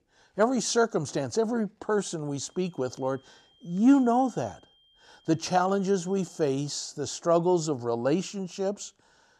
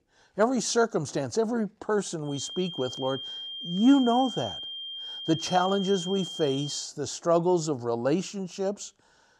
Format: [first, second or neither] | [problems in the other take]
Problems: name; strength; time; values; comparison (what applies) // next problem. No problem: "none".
first | high-pitched whine; loud; from 2.5 to 7 s; 3 kHz, 8 dB below the speech; faint in the first